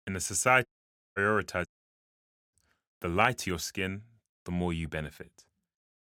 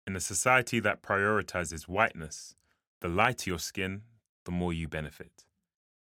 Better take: second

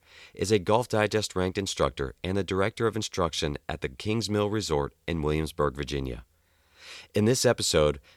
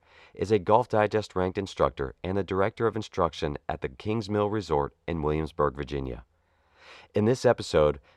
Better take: first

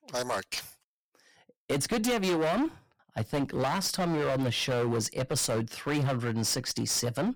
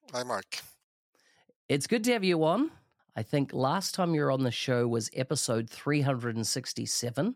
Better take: second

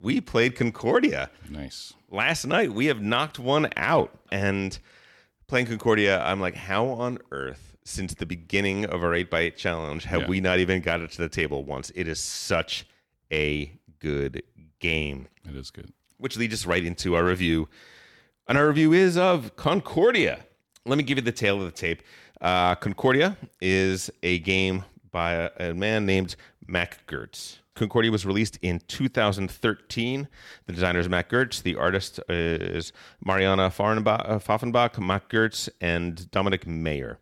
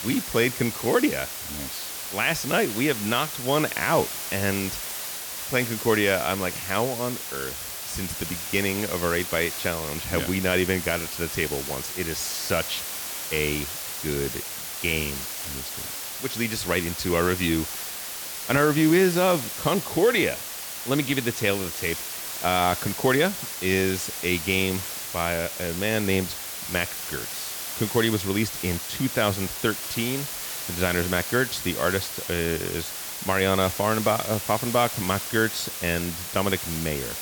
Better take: first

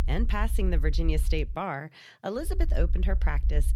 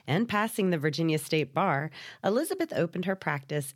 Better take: second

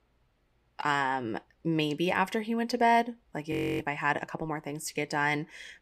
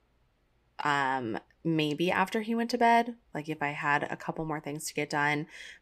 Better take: second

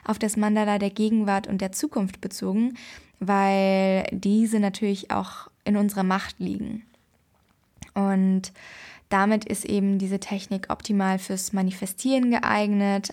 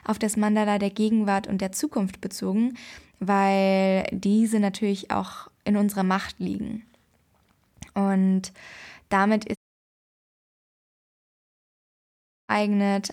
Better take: first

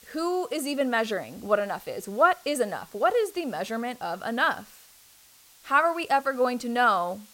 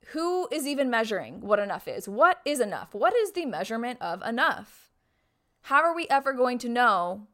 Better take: second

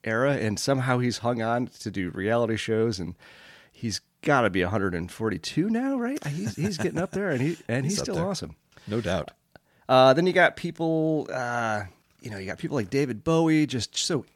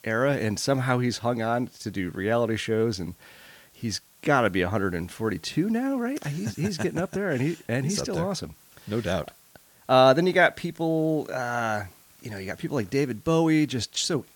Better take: first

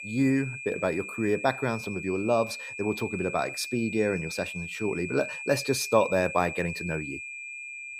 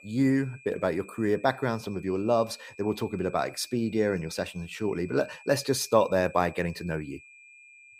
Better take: second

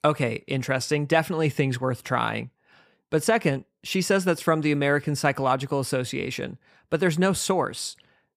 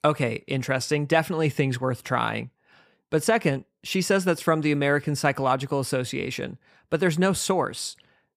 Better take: neither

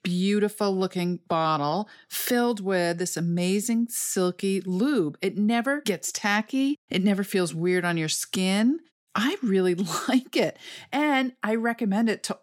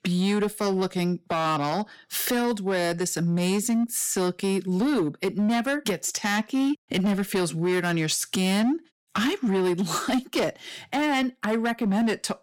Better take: first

